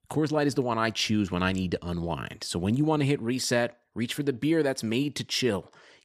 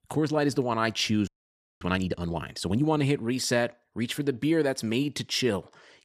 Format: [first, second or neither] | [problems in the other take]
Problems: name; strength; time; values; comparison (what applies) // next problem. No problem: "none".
first | audio freezing; at 1.5 s for 0.5 s